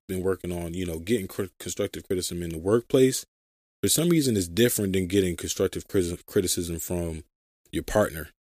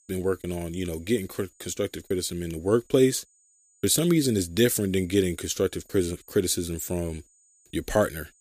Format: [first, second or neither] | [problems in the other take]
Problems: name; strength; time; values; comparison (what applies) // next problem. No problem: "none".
first | high-pitched whine; faint; throughout; 7 kHz, 35 dB below the speech